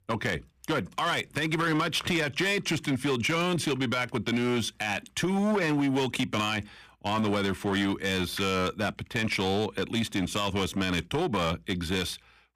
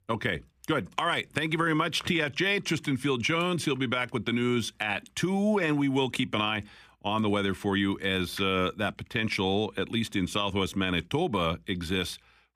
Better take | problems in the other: second | distortion; slight; 11% of the sound clipped

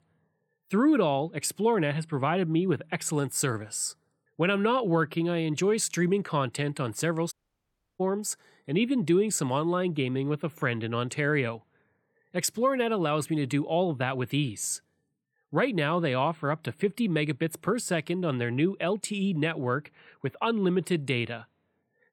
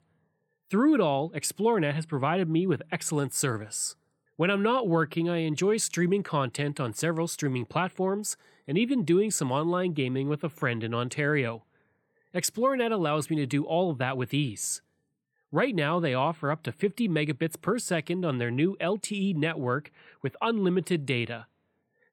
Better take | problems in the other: second | audio cutting out; at 7.5 s for 0.5 s

